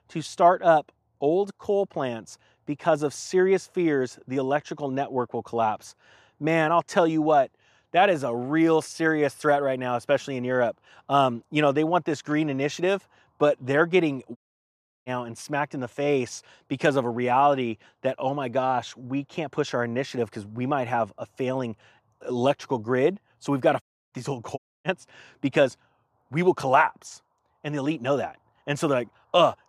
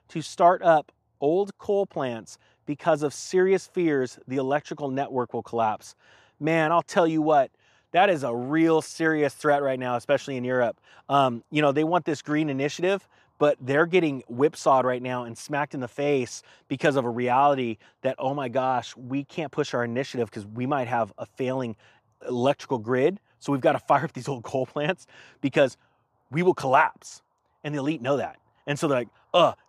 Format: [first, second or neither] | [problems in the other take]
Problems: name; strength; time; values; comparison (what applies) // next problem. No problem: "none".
second | audio cutting out; at 14 s for 0.5 s, at 24 s and at 25 s